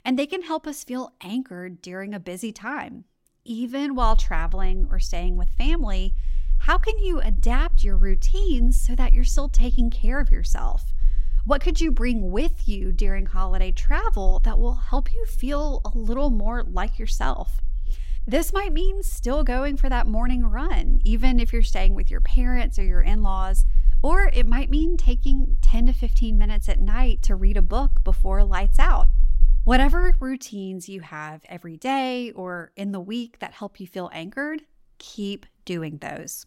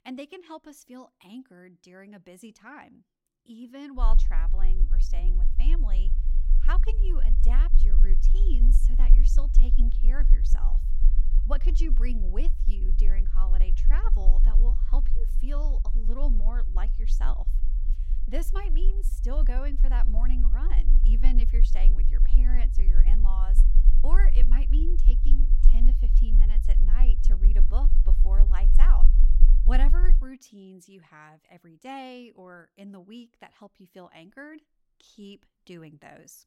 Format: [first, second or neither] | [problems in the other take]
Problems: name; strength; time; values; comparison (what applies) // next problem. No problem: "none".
first | low rumble; loud; from 4 to 30 s; 9 dB below the speech; faint in the first